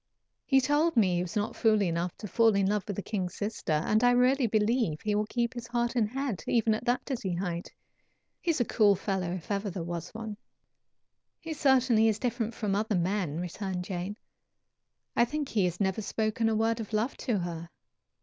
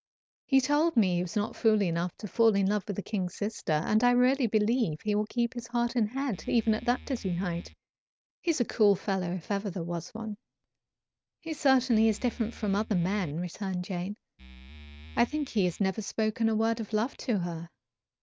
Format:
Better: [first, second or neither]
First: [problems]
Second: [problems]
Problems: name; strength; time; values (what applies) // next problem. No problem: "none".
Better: first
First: none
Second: noise reduction (neural mask model RNNoise)